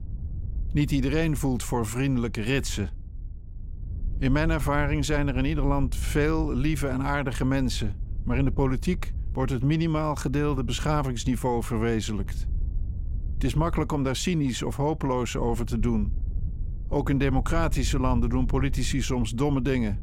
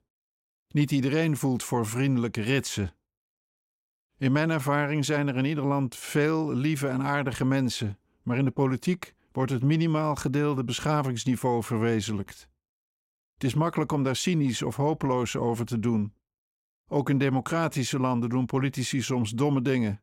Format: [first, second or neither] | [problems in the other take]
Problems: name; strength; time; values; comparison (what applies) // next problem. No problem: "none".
second | wind noise on the microphone; occasional gusts; 20 dB below the speech